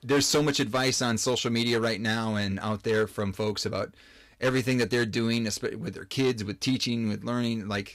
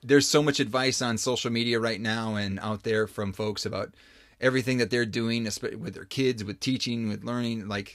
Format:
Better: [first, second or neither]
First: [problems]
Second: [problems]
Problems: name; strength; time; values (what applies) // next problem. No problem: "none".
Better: second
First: distortion; slight; 5% of the sound clipped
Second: none